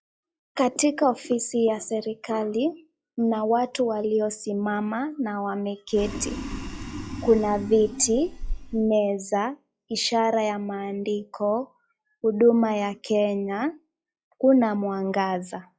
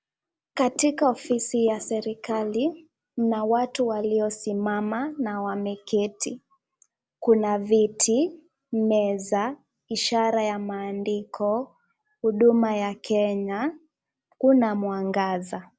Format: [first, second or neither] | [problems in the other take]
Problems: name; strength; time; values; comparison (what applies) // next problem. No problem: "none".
second | noise reduction (classical method log-MMSE)